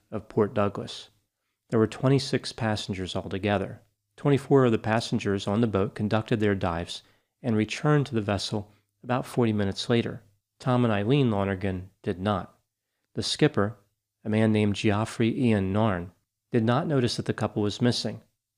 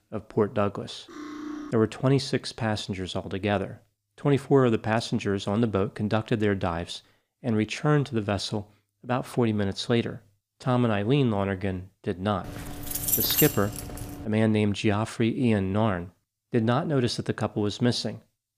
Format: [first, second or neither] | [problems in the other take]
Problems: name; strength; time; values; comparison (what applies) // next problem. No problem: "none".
first | clattering dishes; faint; at 1 s; peak 10 dB below the speech // jangling keys; loud; from 12 to 14 s; peak 5 dB above the speech